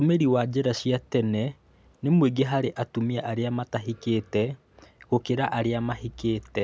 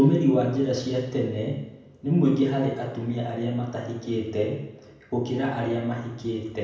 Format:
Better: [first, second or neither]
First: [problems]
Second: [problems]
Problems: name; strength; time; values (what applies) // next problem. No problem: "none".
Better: first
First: none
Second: room echo; dies away in 0.9 s